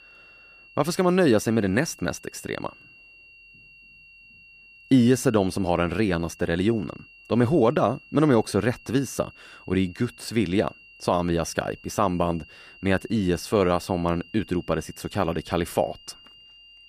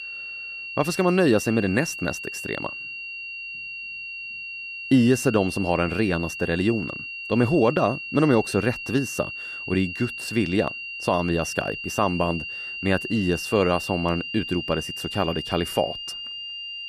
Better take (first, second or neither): first